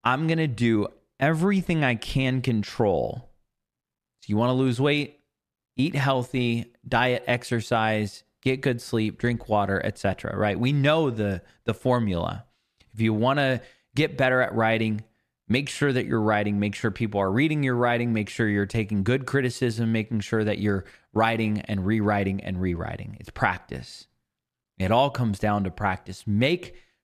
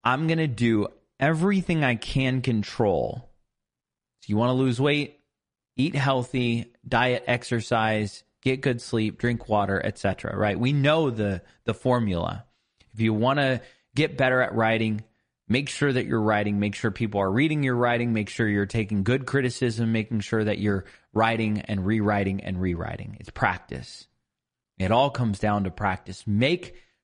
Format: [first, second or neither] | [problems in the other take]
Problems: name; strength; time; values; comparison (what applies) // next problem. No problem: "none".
first | garbled, watery; slightly; nothing above 10 kHz